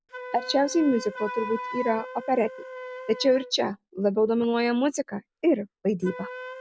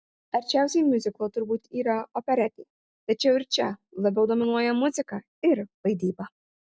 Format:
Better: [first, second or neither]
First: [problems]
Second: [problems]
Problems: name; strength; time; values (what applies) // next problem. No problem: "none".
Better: second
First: background sound (Wind instrument, woodwind instrument); 13 dB below the speech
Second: none